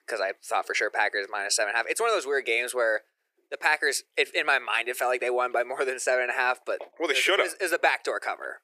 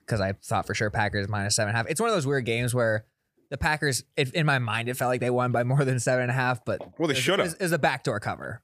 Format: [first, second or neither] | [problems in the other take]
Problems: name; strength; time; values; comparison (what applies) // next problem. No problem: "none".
second | thin; very; fading below 350 Hz